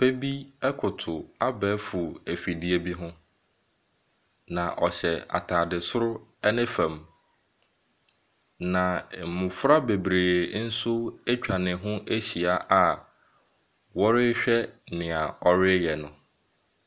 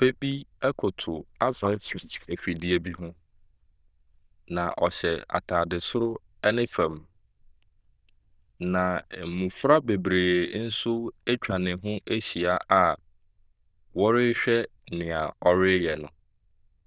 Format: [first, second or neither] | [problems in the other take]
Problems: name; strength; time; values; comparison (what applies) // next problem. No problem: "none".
first | noise reduction (neural diffusion model UNIVERSE++)